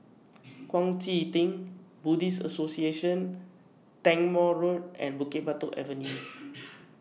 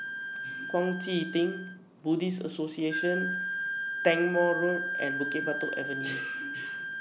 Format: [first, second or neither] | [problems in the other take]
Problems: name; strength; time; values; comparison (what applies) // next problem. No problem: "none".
first | background sound (Wind instrument, woodwind instrument); 4 dB below the speech